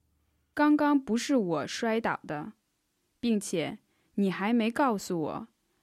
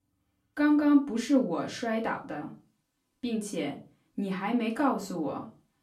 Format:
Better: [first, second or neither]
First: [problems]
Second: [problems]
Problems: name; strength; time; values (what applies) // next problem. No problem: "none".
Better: first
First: none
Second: off-mic speech; far // room echo; very slight; dies away in 0.3 s